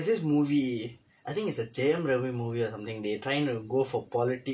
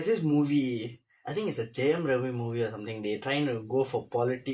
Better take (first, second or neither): first